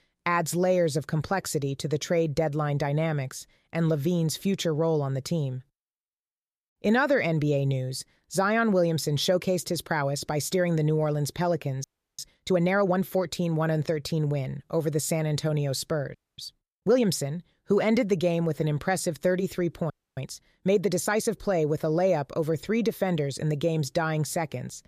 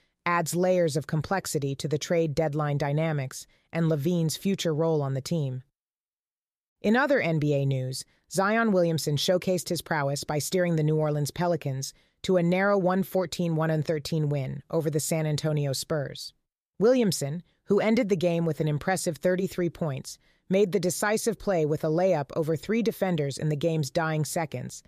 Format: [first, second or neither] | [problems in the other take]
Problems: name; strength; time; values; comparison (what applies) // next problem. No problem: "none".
second | audio freezing; at 12 s, at 16 s and at 20 s